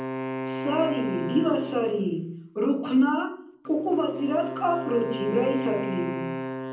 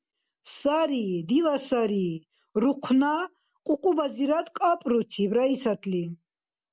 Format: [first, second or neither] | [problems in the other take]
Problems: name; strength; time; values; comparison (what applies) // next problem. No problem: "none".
second | background sound (Wind instrument, woodwind instrument); 7 dB below the speech // room echo; dies away in 0.6 s